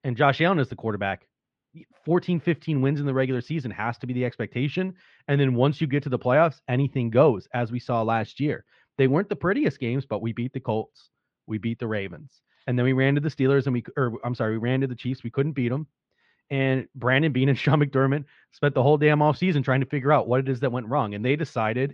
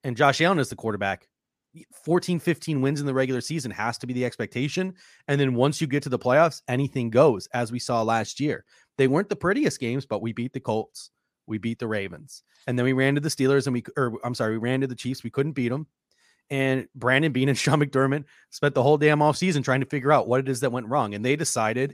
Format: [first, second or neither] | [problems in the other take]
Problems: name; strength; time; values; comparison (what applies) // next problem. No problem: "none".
second | muffled; slightly; fading above 3.5 kHz